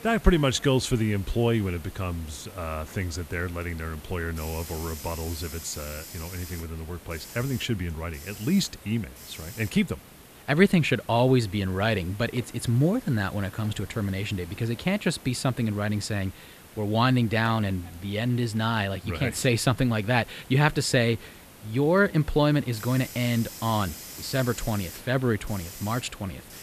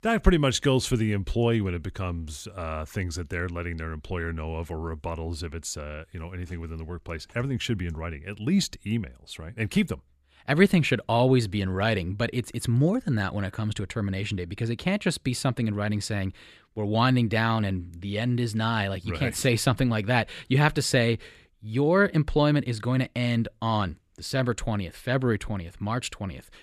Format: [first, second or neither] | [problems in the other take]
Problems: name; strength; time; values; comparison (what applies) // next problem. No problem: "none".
second | hiss; noticeable; throughout; 15 dB below the speech